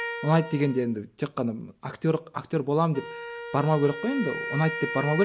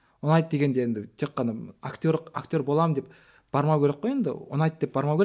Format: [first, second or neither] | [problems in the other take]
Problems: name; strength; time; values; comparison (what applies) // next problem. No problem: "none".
second | background sound (Wind instrument, woodwind instrument); 10 dB below the speech